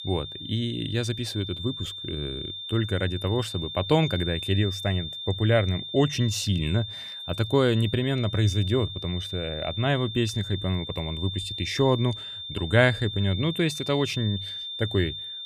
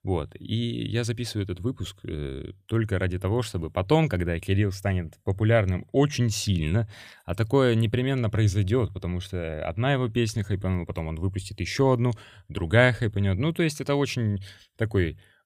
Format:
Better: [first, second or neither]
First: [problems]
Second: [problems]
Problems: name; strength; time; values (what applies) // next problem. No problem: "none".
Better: second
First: high-pitched whine; loud; throughout; 3.5 kHz, 7 dB below the speech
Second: none